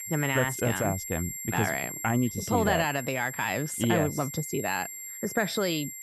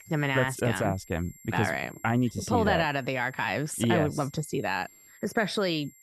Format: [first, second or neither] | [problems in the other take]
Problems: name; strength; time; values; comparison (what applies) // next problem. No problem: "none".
second | high-pitched whine; loud; throughout; 7.5 kHz, 8 dB below the speech; faint in the second